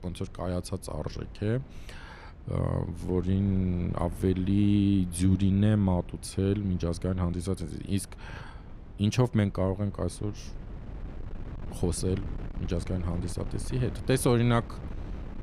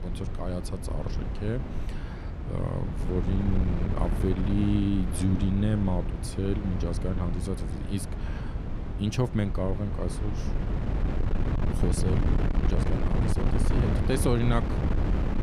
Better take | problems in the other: first | wind noise on the microphone; heavy; 3 dB below the speech; occasional gusts in the first

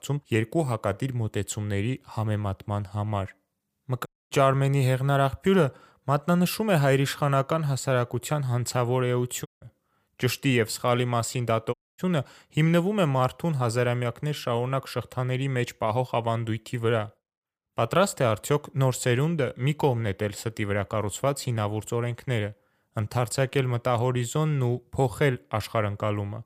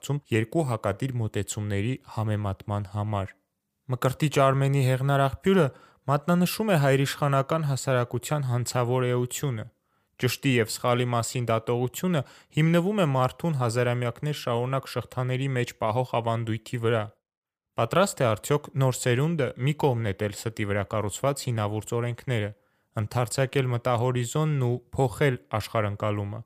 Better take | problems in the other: second | audio cutting out; at 4 s, at 9.5 s and at 12 s

